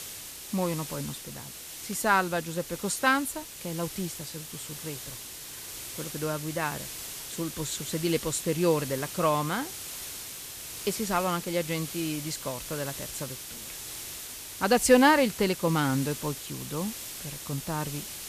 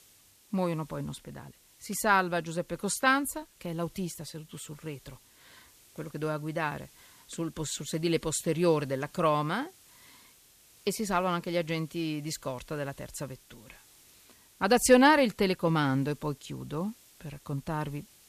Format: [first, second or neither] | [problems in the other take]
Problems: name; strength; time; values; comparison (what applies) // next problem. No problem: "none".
second | hiss; loud; throughout; 9 dB below the speech; faint in the second